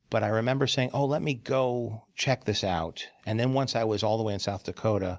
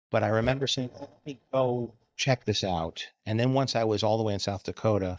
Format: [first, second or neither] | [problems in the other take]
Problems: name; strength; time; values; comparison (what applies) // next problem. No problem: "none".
first | noise reduction (neural mask model DeepFilterNet 3)